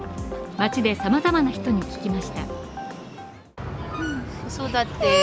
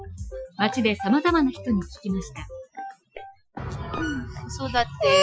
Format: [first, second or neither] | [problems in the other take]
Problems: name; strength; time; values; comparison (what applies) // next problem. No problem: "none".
first | noise reduction (classical method Wiener filter)